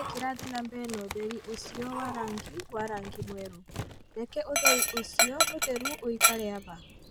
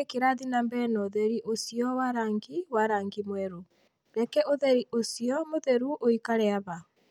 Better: second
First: background sound (Dog); 4 dB above the speech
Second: none

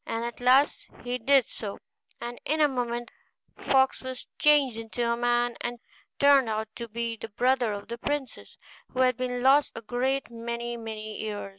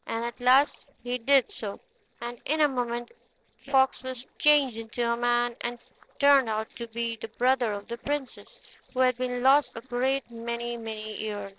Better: first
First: none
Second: noise reduction (neural separator model SepFormer DNS4)

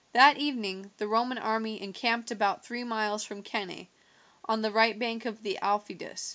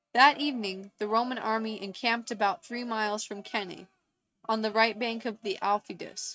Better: first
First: none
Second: noise reduction (neural mask model RNNoise)

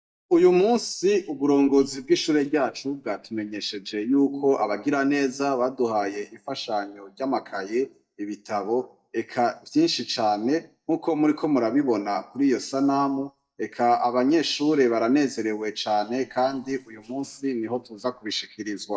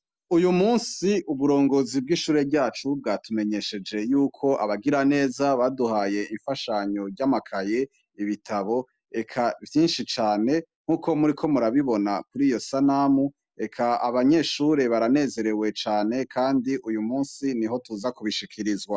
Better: second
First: noise reduction (neural mask model DeepFilterNet 3)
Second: none

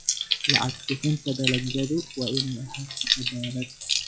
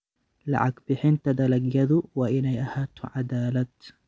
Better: second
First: noise reduction (classical method log-MMSE)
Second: none

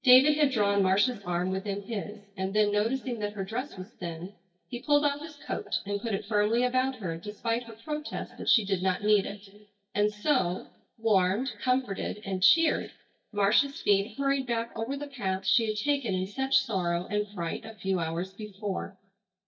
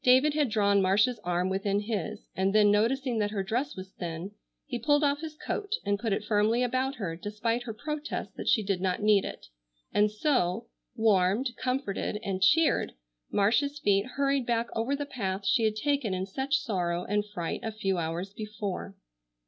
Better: second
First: noise reduction (neural mask model DeepFilterNet 3)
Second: none

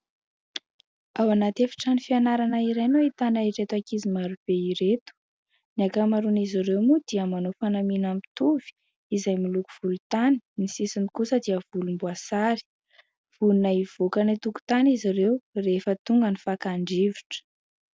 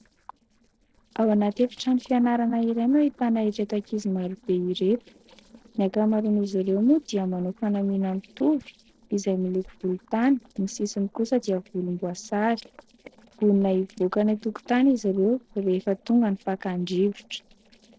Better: first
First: none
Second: noise reduction (neural separator model SepFormer DNS4)

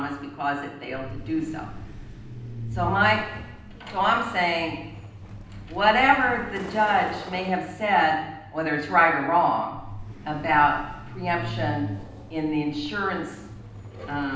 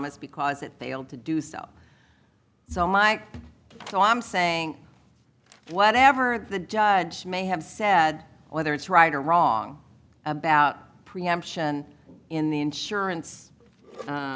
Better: second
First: background sound (Truck); 12 dB below the speech // room echo; dies away in 0.9 s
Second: none

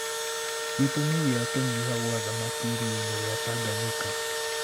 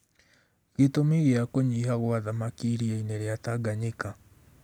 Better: second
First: background sound (Engine / Drill); as loud as the speech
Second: none

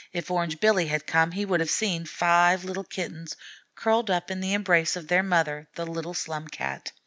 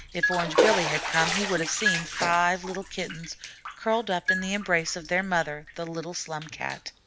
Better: first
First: none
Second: background sound (Bathtub (filling or washing) + Marimba, xylophone); 2 dB below the speech

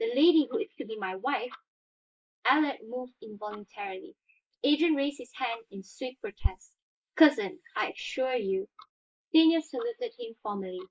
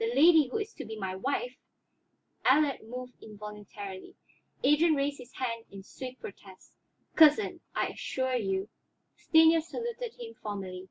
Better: second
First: noise reduction (neural mask model Resemble Enhance denoiser)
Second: none

